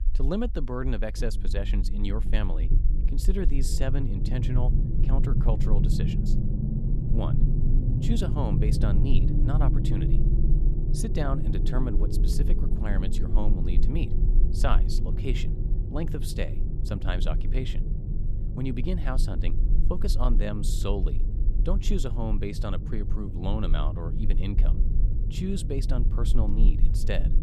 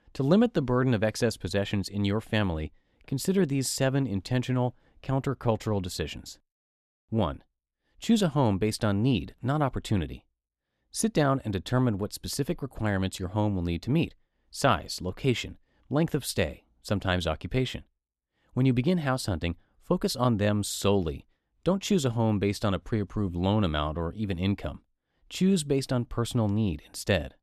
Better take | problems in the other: second | low rumble; loud; throughout; 5 dB below the speech

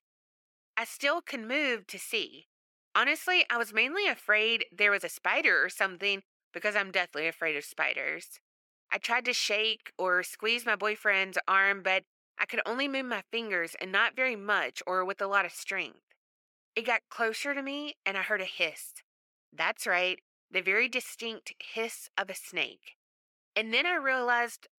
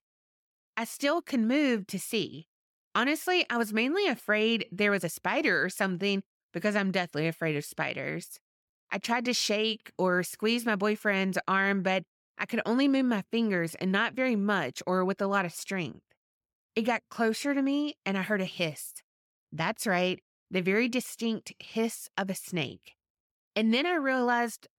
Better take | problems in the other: second | thin; somewhat; fading below 500 Hz

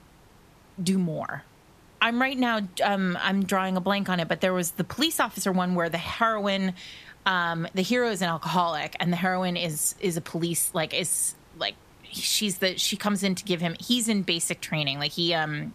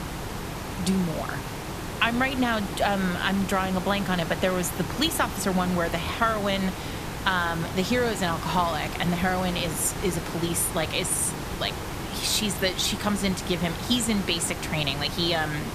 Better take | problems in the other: first | hiss; loud; throughout; 7 dB below the speech; faint in the first

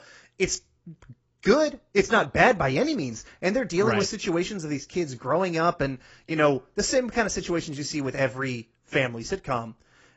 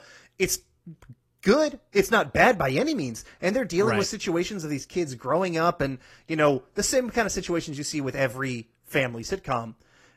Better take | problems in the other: second | garbled, watery; badly; nothing above 7.5 kHz; slightly in the second

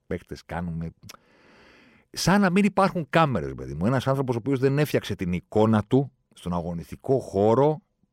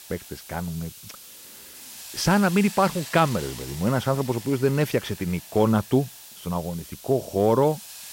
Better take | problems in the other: first | hiss; noticeable; throughout; 15 dB below the speech

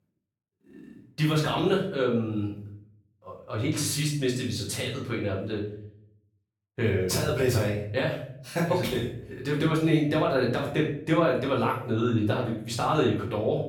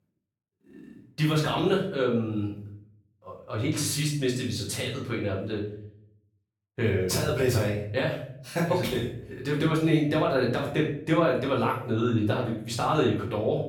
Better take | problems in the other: neither | off-mic speech; far; the same in both // room echo; noticeable; dies away in 0.5 s; the same in both

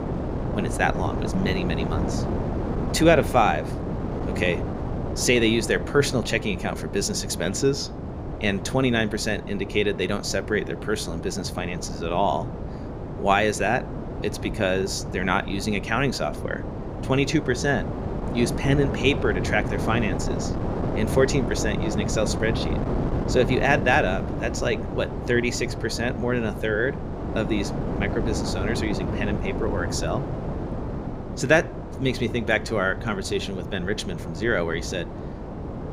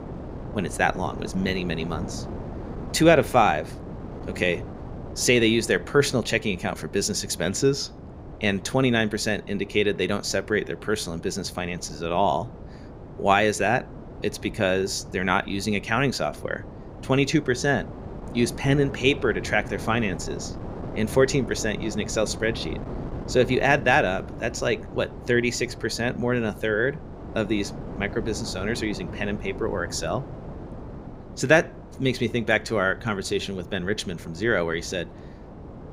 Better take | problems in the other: second | wind noise on the microphone; heavy; 9 dB below the speech; occasional gusts in the second

